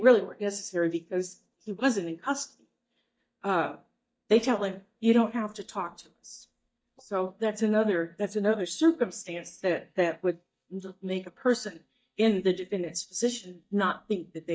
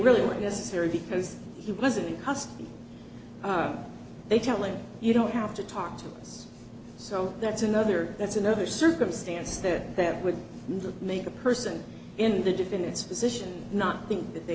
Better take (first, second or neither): second